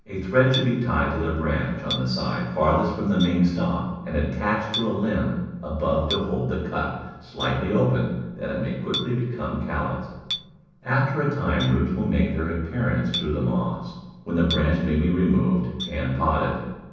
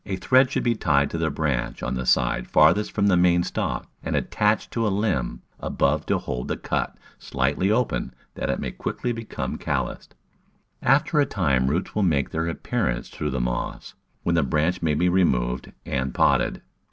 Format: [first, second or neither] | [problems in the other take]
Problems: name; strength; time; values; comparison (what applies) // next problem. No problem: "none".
second | background sound (Chink, clink); 15 dB below the speech // room echo; dies away in 1.1 s